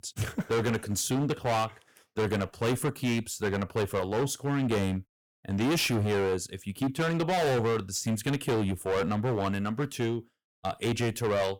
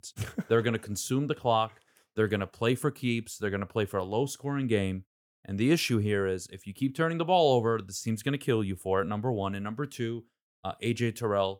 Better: second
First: distortion; heavy; 19% of the sound clipped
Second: none

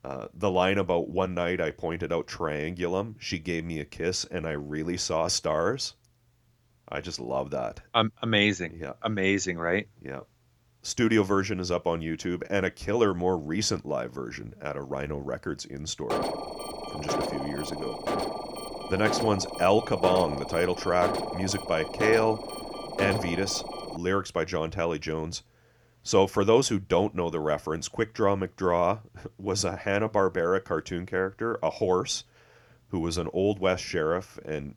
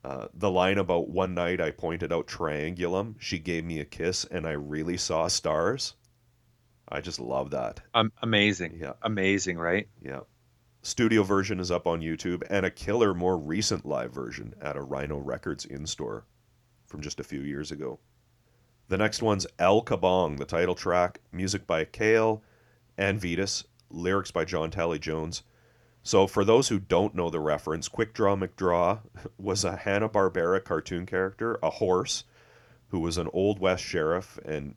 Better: second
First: alarm; noticeable; from 16 to 24 s; peak 2 dB below the speech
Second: none

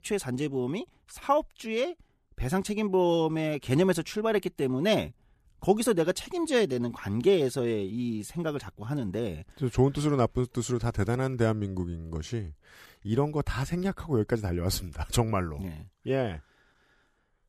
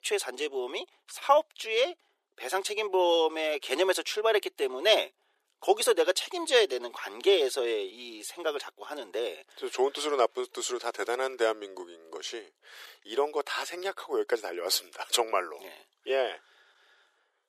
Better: first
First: none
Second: thin; very; fading below 400 Hz

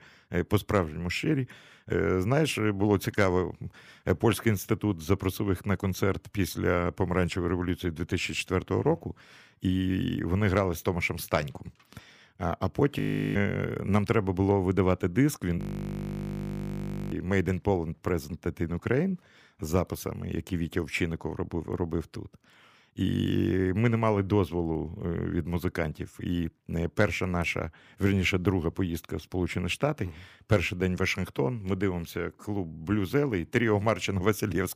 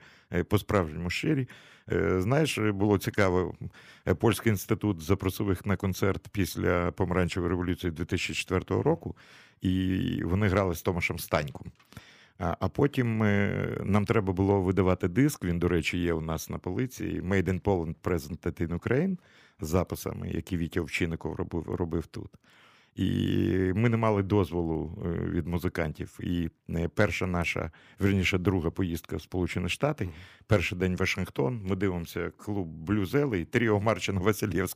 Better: second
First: audio freezing; at 13 s and at 16 s for 1.5 s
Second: none

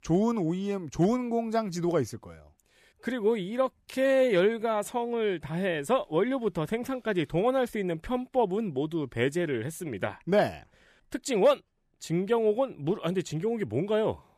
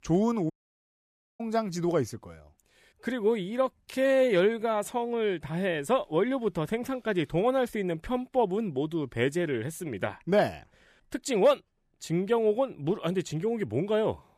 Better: first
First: none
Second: audio cutting out; at 0.5 s for 1 s

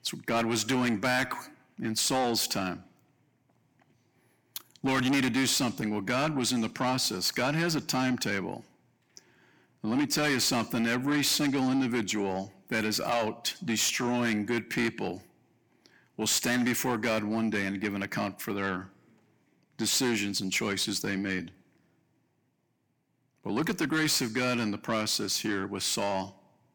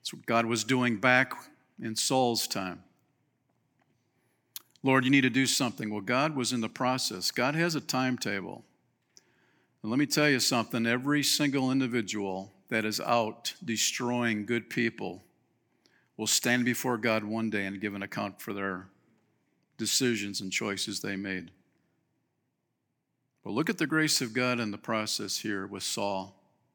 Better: second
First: distortion; heavy; 7 dB below the speech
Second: none

